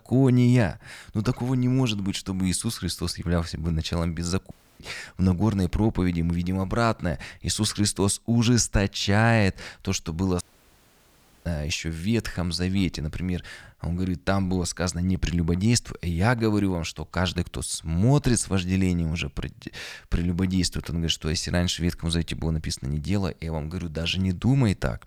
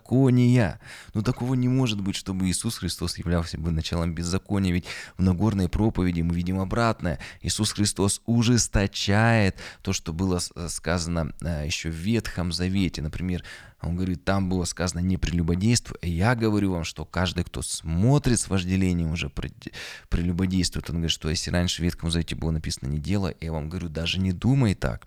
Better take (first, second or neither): second